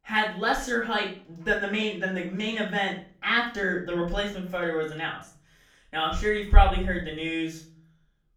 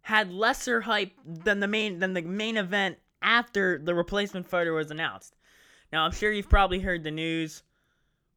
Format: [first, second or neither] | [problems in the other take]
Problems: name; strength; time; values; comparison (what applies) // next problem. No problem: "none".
second | off-mic speech; far // room echo; slight; dies away in 0.4 s